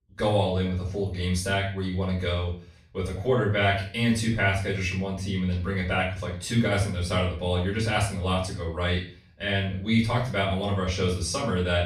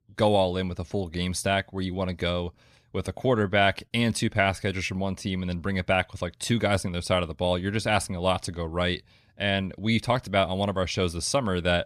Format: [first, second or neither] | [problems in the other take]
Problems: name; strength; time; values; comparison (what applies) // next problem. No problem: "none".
second | off-mic speech; far // room echo; slight; dies away in 0.4 s